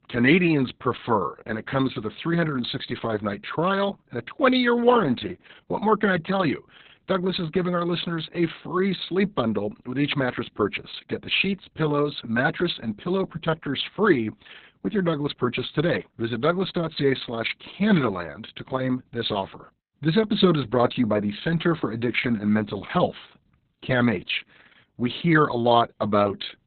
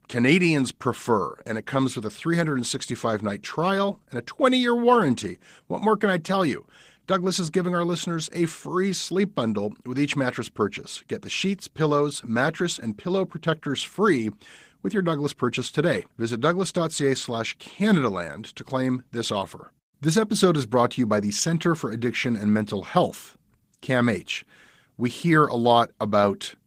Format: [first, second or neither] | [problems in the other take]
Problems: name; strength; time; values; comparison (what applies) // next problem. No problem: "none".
second | garbled, watery; badly; nothing above 4 kHz; slightly in the second